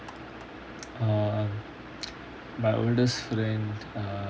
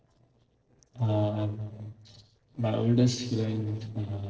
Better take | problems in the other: first | noise reduction (neural separator model SepFormer DNS4)

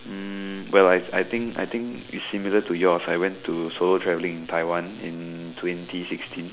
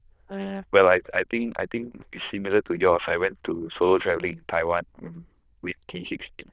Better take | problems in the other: first | noise reduction (neural diffusion model UNIVERSE++)

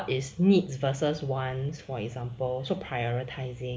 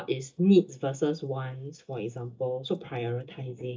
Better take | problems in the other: first | noise reduction (neural mask model DeepFilterNet 3)

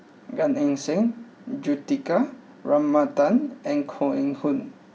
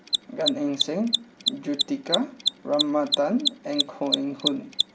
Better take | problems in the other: first | background sound (Mechanisms); 1 dB below the speech

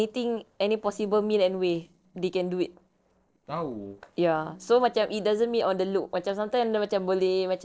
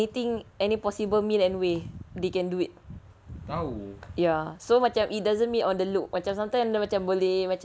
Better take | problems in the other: second | noise reduction (neural separator model SepFormer DNS4)

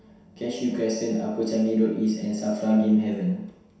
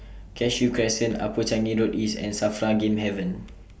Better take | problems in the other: second | room echo; dies away in 0.7 s

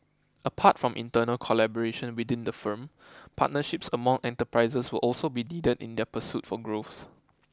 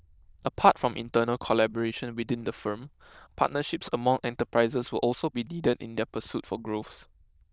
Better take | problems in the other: first | noise reduction (neural diffusion model UNIVERSE++)

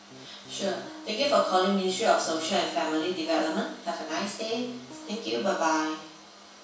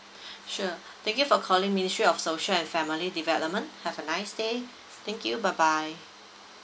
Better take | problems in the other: second | background sound (Piano); 18 dB below the speech // room echo; dies away in 0.7 s

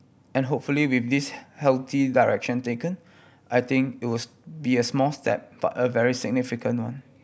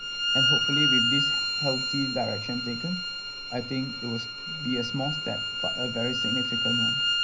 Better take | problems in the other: first | background sound (Bowed string instrument); 4 dB above the speech // room echo; dies away in 0.5 s

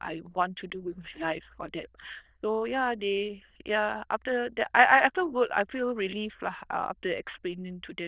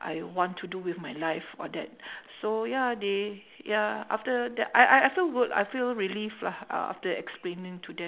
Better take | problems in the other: second | noise reduction (neural diffusion model UNIVERSE++)

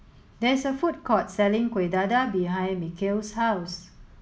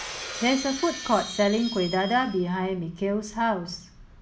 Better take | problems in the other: first | background sound (Shatter); 12 dB below the speech

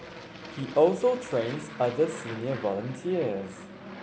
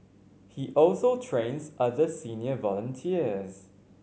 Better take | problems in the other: second | background sound (Aircraft); 13 dB below the speech

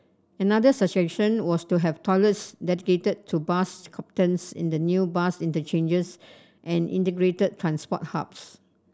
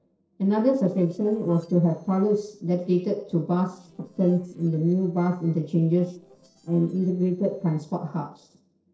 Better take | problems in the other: first | noise reduction (neural separator model SepFormer DNS4)

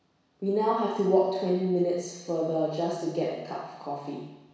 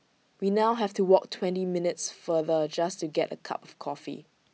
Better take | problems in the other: second | room echo; dies away in 1.1 s

